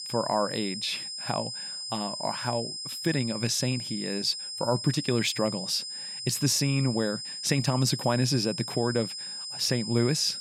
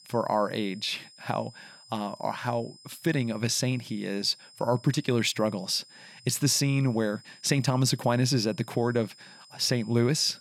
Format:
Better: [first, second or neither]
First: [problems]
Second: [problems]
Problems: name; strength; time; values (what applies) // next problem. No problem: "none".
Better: second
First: high-pitched whine; loud; throughout; 5 kHz, 6 dB below the speech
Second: high-pitched whine; faint; throughout; 5 kHz, 25 dB below the speech